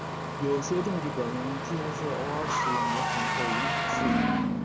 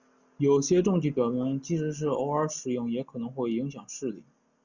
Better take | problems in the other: second | background sound (Engine starting + Engine / Car); 4 dB above the speech

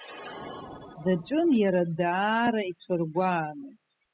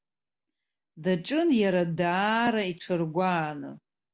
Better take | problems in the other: second | noise reduction (classical method spectral subtraction)

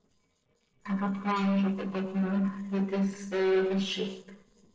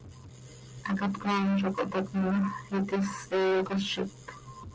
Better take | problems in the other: second | noise reduction (neural separator model SepFormer DNS4)

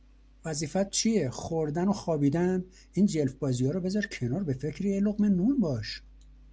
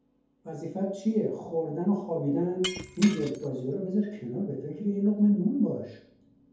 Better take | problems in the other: first | background sound (Shatter); 13 dB below the speech // room echo; dies away in 0.7 s

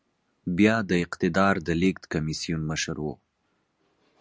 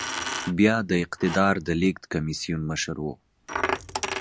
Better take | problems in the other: first | background sound (Coin (dropping)); 8 dB below the speech

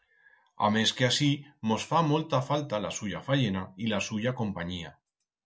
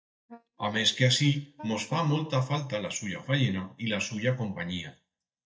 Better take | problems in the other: first | noise reduction (neural mask model DeepFilterNet 3)

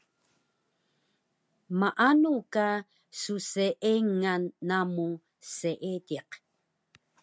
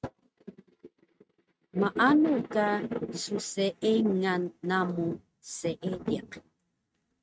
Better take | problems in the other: first | noise reduction (neural mask model RNNoise)

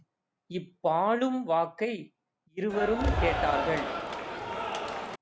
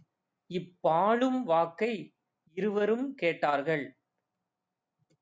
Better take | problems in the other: second | background sound (Cheering); as loud as the speech

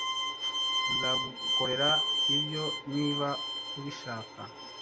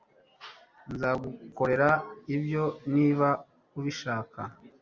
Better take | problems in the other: second | background sound (Bowed string instrument); 4 dB above the speech

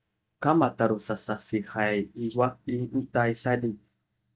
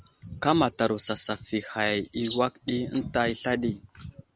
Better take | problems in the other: second | noise reduction (neural mask model DeepFilterNet 3)

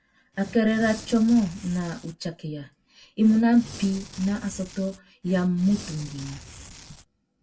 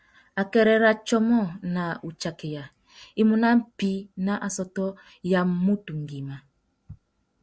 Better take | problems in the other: second | background sound (Tearing); 17 dB below the speech // room echo; dies away in 0.1 s

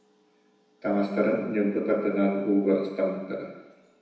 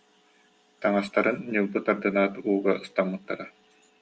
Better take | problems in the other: second | room echo; dies away in 1 s

